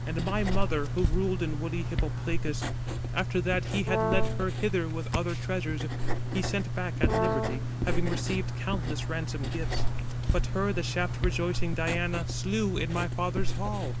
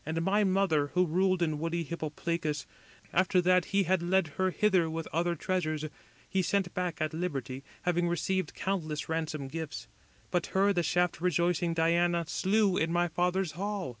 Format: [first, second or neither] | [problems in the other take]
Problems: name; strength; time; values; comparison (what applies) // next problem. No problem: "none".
second | background sound (Writing + Brass instrument); 4 dB above the speech